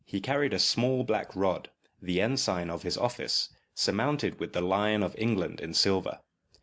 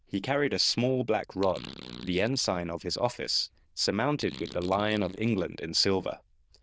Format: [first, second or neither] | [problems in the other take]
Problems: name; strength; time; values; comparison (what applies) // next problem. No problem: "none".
first | noise reduction (neural diffusion model UNIVERSE++)